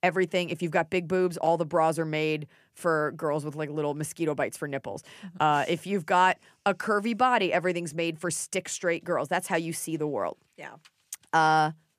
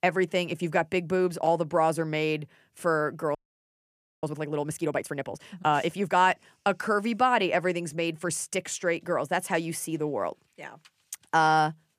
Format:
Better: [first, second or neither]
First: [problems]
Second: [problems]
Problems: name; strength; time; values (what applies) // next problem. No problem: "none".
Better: first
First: none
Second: audio freezing; at 3.5 s for 1 s